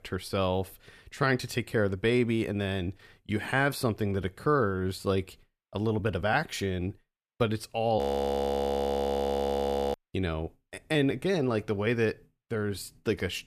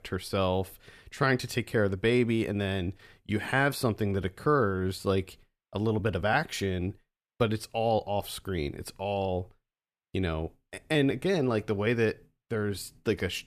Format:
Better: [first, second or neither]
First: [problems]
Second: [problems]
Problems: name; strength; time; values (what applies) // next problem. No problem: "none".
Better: second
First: audio freezing; at 8 s for 2 s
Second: none